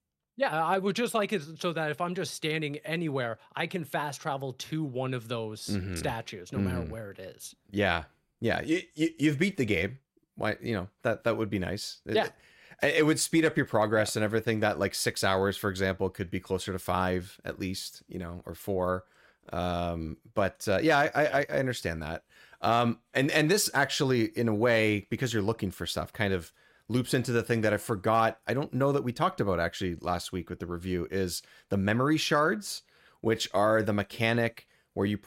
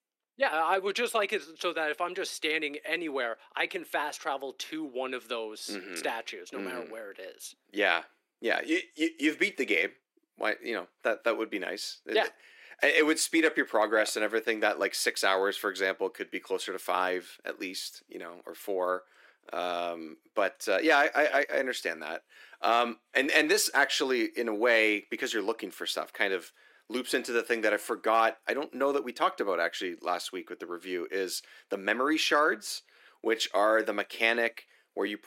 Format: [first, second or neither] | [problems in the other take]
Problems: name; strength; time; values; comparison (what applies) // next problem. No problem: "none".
first | thin; somewhat; fading below 300 Hz